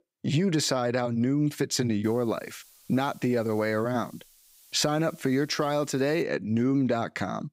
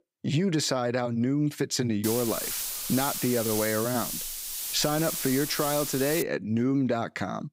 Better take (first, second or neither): first